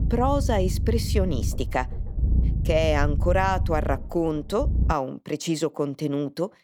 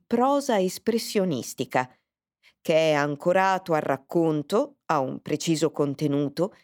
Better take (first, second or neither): second